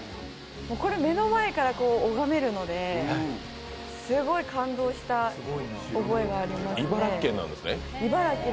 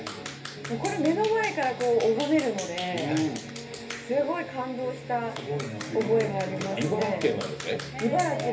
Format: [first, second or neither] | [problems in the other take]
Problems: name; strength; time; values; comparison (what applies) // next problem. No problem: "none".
first | background sound (Clapping); 14 dB below the speech // room echo; dies away in 0.3 s